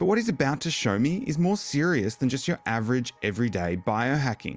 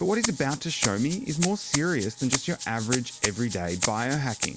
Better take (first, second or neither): first